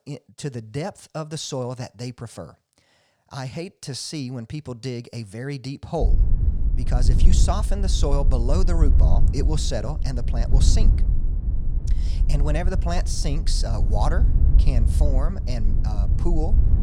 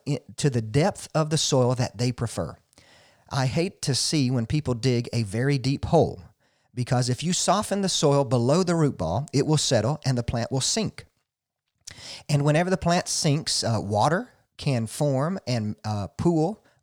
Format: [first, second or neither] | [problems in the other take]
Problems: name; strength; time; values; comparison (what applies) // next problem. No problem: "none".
second | wind noise on the microphone; heavy; from 6 s on; 9 dB below the speech